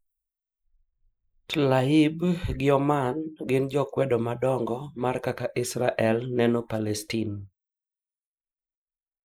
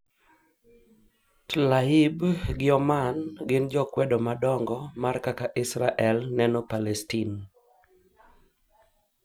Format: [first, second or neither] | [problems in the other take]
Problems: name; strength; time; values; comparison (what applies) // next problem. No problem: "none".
second | noise reduction (neural mask model Resemble Enhance denoiser)